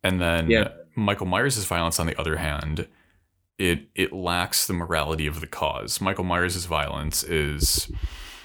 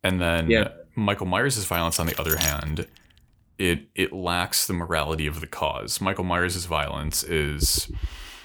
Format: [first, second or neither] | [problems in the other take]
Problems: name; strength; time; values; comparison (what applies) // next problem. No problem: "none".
first | jangling keys; loud; at 1.5 s; peak 1 dB above the speech